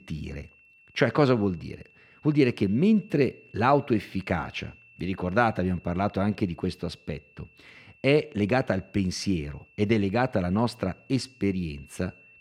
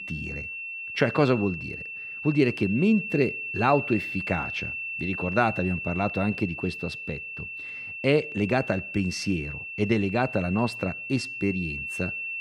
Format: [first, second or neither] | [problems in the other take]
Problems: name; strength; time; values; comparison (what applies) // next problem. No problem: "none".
first | high-pitched whine; loud; throughout; 2.5 kHz, 6 dB below the speech; faint in the first